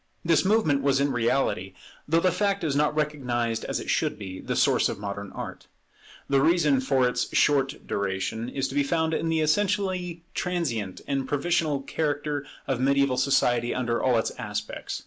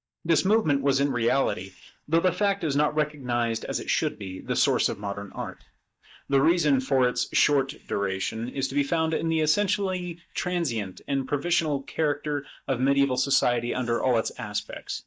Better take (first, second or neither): first